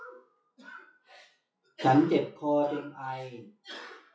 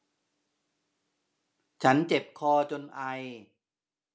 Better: second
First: noise reduction (classical method WPE with log-MMSE)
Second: none

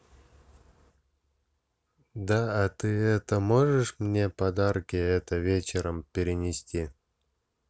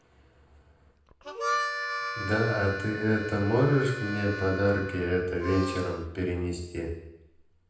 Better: first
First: none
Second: background sound (Harmonica); 8 dB below the speech // room echo; dies away in 0.9 s

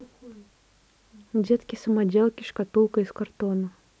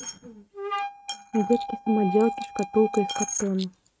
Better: first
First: none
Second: noise reduction (neural mask model RNNoise)

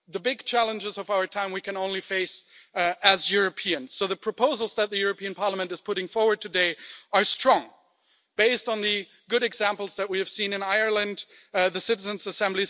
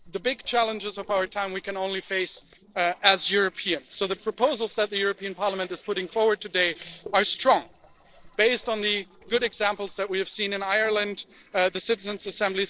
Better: first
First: none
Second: noise reduction (neural separator model SepFormer DNS4)

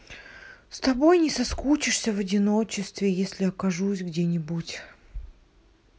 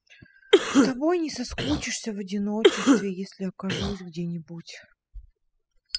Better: first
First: none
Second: noise reduction (classical method spectral subtraction)

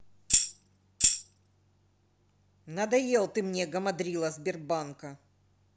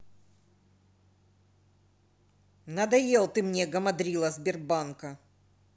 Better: second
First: background sound (Tambourine); 5 dB above the speech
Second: none

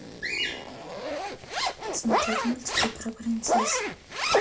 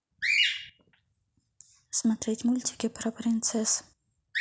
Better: second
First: background sound (Zipper (clothing)); 4 dB above the speech // room echo; dies away in 0.2 s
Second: none

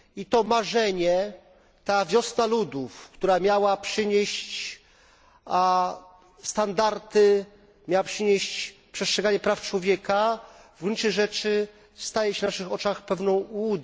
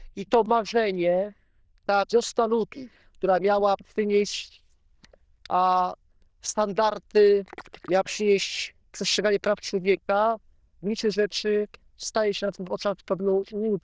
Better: first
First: none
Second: noise reduction (neural diffusion model UNIVERSE++)

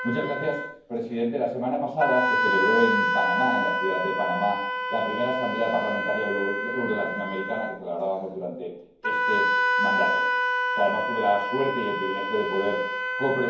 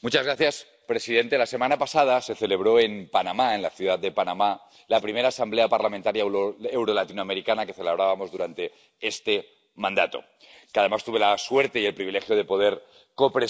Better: second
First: background sound (Wind instrument, woodwind instrument); 1 dB above the speech // room echo; dies away in 0.9 s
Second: none

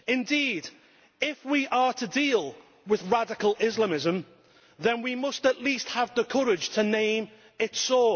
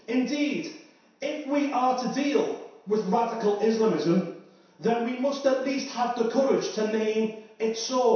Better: first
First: none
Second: room echo; dies away in 0.7 s

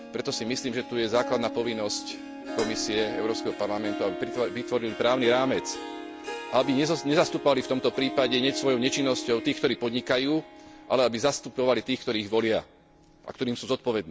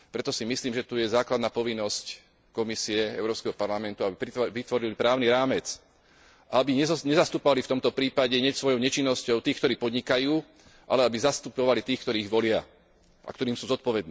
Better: second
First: background sound (Dishes, pots, and pans + Harp); 10 dB below the speech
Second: none

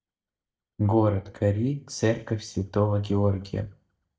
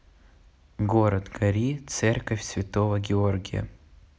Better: second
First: noise reduction (neural mask model DeepFilterNet 3)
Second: none

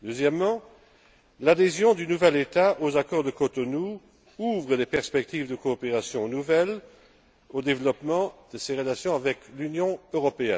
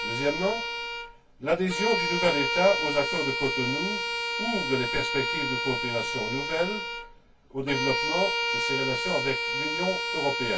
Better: first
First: none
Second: background sound (Bowed string instrument); as loud as the speech // room echo; dies away in 0.1 s

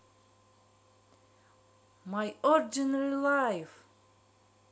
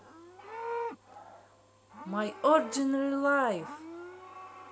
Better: first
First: none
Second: background sound (Livestock, farm animals, working animals); 11 dB below the speech

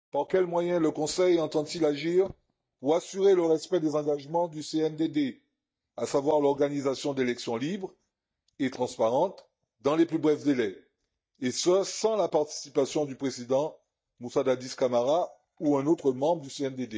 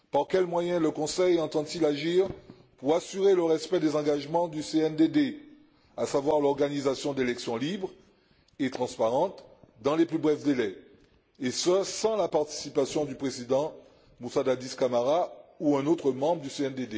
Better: second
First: noise reduction (neural mask model DeepFilterNet 3)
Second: none

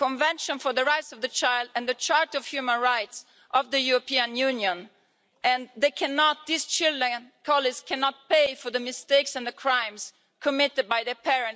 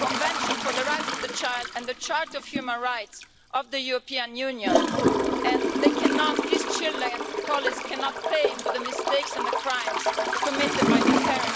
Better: first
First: none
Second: background sound (Toilet flush / Gurgling); 3 dB above the speech

